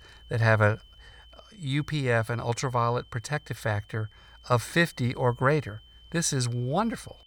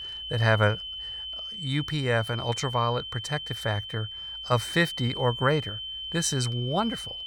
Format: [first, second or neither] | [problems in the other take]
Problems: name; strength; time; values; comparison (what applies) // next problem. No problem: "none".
first | high-pitched whine; loud; throughout; 3 kHz, 7 dB below the speech; faint in the first